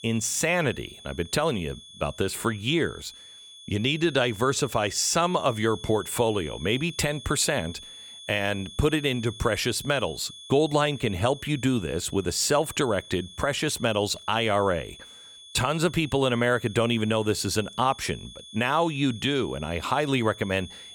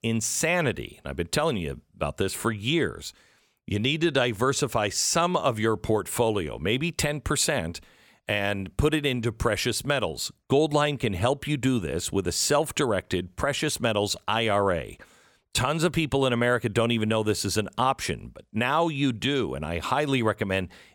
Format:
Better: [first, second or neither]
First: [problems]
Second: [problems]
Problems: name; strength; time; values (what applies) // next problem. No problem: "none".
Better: second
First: high-pitched whine; noticeable; throughout; 3.5 kHz, 15 dB below the speech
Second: none